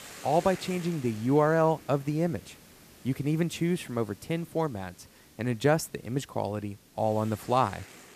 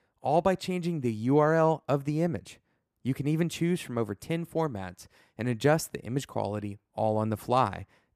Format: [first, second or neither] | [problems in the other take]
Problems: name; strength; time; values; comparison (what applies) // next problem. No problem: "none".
second | hiss; faint; throughout; 20 dB below the speech